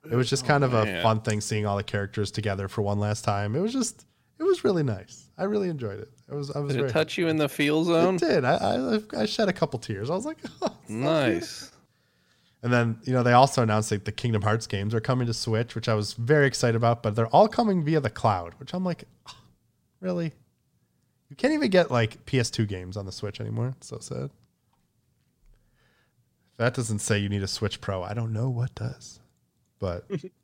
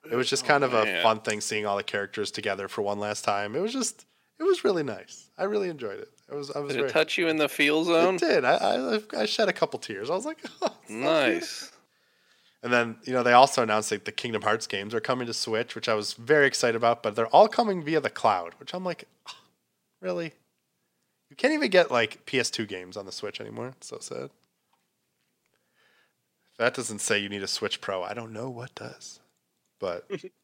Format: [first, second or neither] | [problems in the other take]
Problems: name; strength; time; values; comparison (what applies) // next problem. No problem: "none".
first | thin; somewhat; fading below 300 Hz